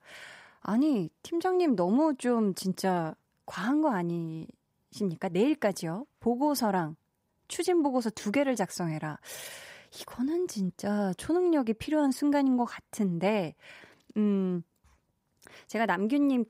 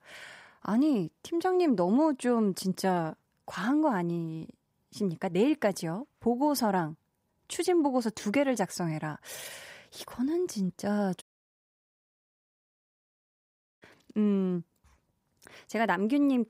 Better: first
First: none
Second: audio cutting out; at 11 s for 2.5 s

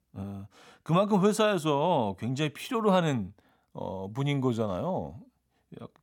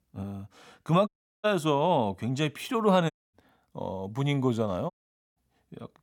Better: first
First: none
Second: audio cutting out; at 1 s, at 3 s and at 5 s

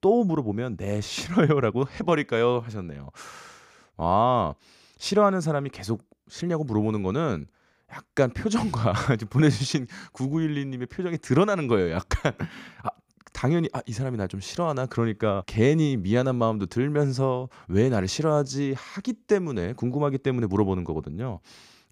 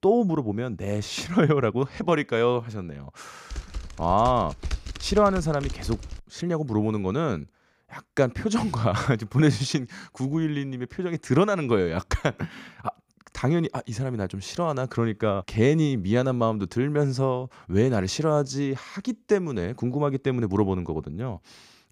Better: first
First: none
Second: keyboard typing; noticeable; from 3.5 to 6 s; peak 9 dB below the speech

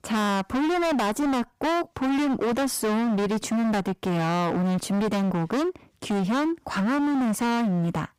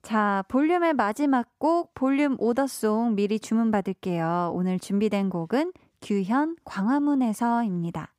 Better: second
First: distortion; heavy; 42% of the sound clipped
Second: none

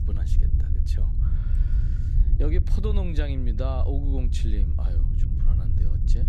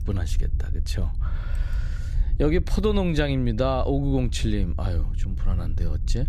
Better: second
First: low rumble; loud; throughout; 6 dB below the speech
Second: low rumble; faint; throughout; 20 dB below the speech

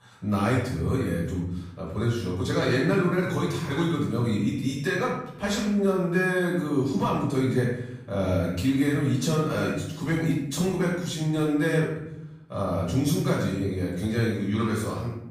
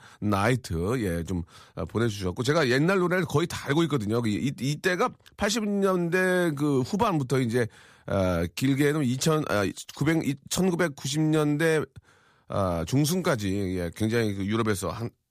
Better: second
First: off-mic speech; far // room echo; noticeable; dies away in 0.8 s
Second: none

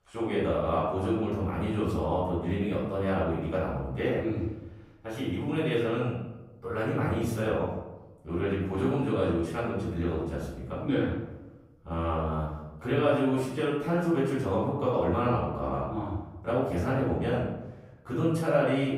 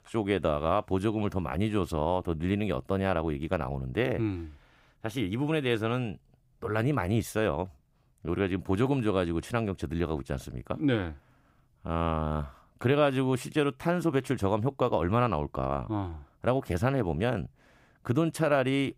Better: second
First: off-mic speech; far // room echo; noticeable; dies away in 0.8 s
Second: none

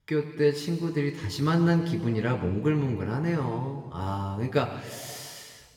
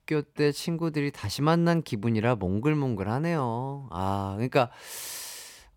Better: second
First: room echo; slight; dies away in 1.7 s // off-mic speech; somewhat distant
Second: none

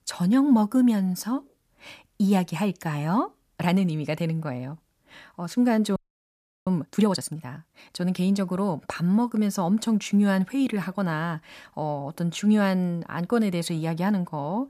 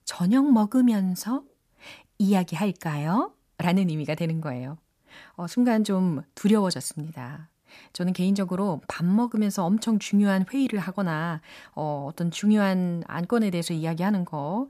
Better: second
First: audio freezing; at 6 s for 0.5 s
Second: none

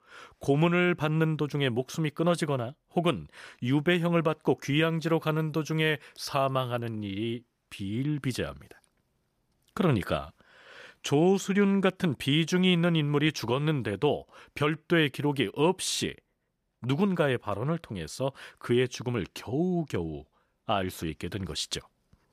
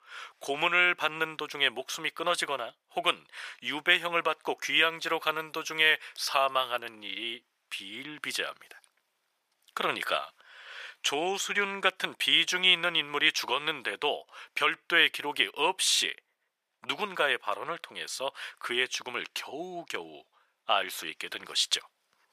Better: first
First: none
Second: thin; very; fading below 800 Hz

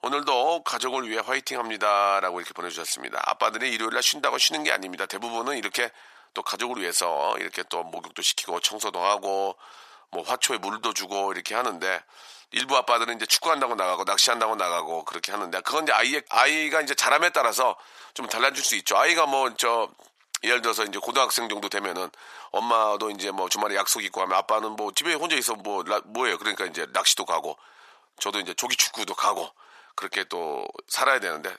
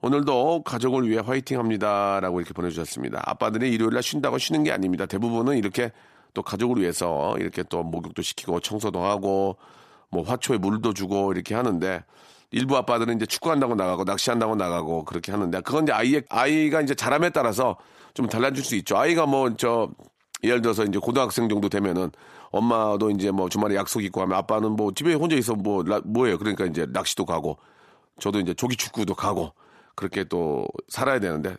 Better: second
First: thin; very; fading below 800 Hz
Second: none

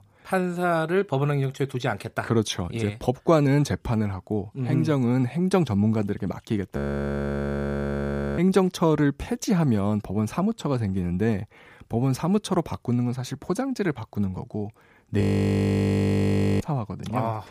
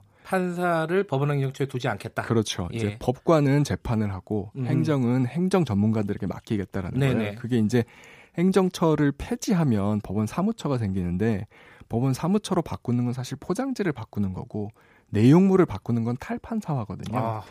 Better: second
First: audio freezing; at 7 s for 1.5 s and at 15 s for 1.5 s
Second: none

